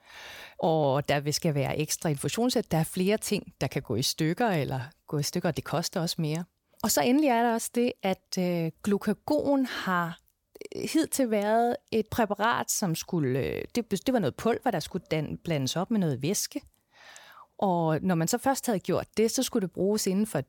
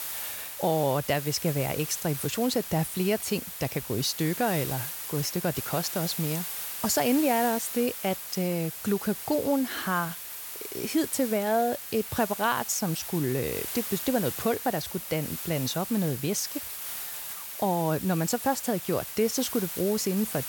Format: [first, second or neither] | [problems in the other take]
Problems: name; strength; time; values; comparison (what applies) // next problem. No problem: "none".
first | hiss; loud; throughout; 6 dB below the speech